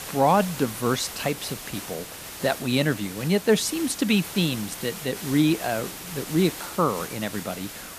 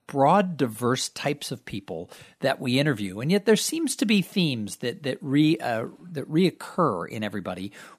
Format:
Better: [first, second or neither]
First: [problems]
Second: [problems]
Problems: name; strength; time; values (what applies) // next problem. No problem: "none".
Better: second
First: hiss; noticeable; throughout; 10 dB below the speech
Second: none